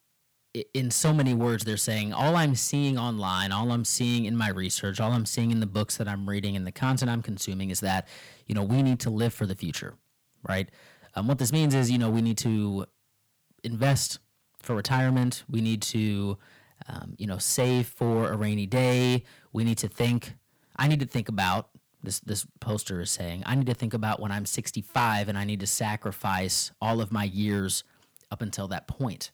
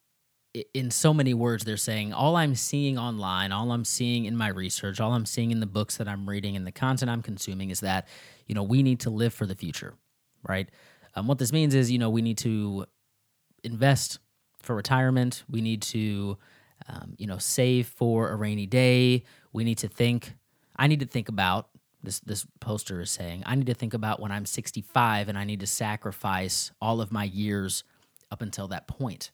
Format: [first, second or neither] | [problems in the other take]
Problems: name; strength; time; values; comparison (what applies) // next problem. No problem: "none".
second | distortion; slight; 4% of the sound clipped